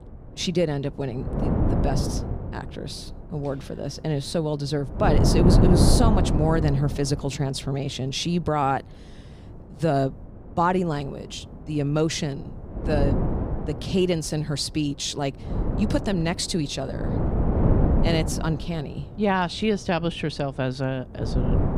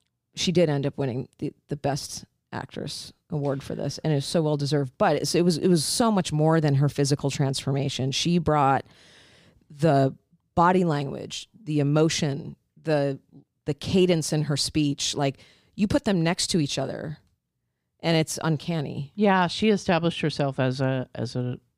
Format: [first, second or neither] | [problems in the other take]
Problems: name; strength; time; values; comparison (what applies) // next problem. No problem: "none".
second | wind noise on the microphone; heavy; 4 dB below the speech